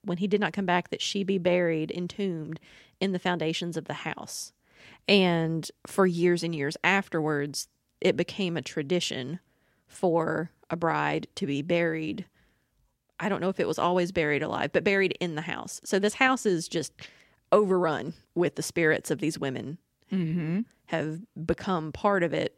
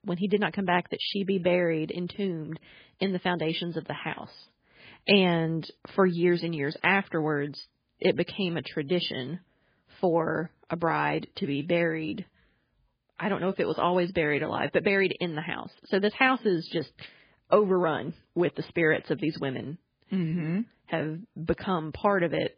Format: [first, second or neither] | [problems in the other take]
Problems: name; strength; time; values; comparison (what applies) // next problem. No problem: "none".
first | garbled, watery; badly; nothing above 4 kHz